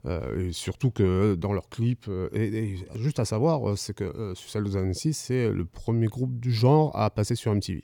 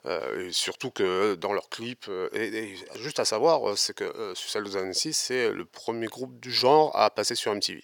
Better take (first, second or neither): first